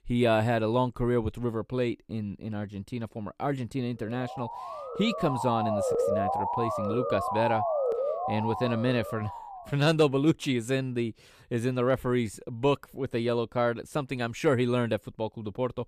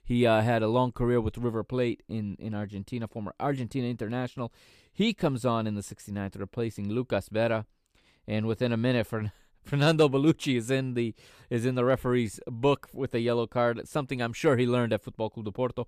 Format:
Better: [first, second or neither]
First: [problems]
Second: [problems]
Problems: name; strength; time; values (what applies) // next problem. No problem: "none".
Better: second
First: siren; loud; from 4 to 9.5 s; peak 2 dB above the speech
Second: none